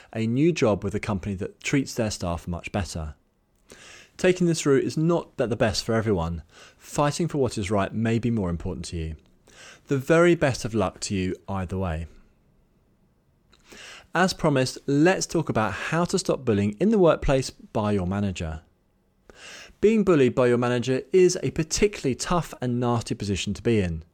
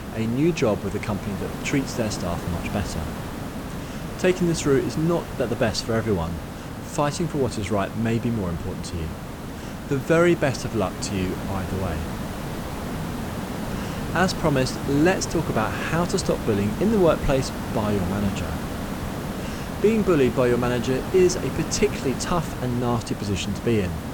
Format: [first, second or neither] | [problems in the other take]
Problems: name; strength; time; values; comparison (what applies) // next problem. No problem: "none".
first | hiss; loud; throughout; 7 dB below the speech